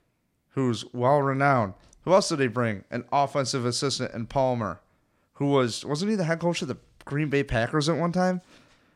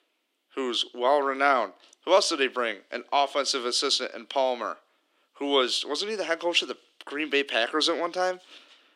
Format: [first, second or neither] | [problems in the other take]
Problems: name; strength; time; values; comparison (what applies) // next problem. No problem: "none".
first | thin; somewhat; fading below 300 Hz